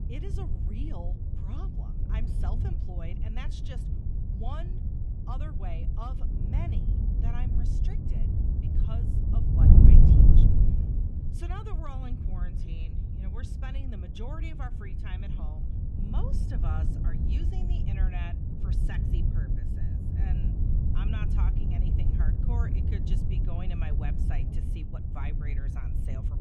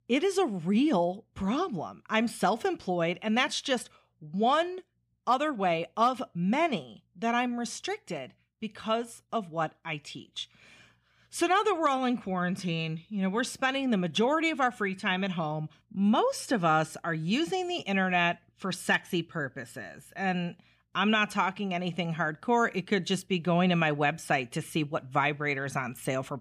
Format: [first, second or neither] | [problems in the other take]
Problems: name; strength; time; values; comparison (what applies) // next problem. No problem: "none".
second | wind noise on the microphone; heavy; 3 dB above the speech